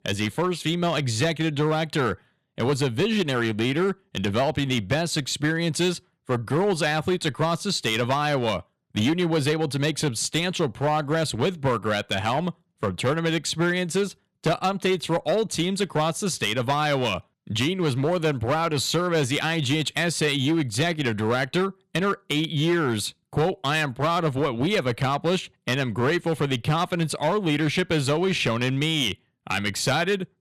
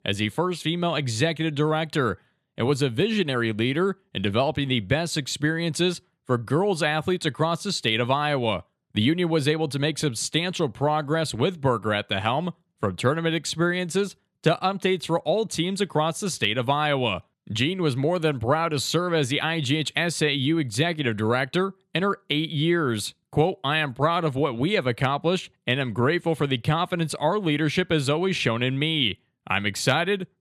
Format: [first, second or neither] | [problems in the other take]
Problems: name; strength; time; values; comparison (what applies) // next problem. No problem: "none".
second | distortion; slight; 8% of the sound clipped